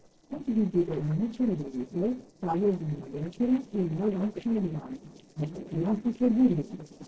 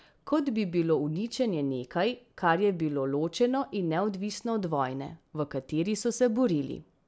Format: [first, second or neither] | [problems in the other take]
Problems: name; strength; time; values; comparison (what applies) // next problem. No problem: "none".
second | noise reduction (neural separator model SepFormer DNS4)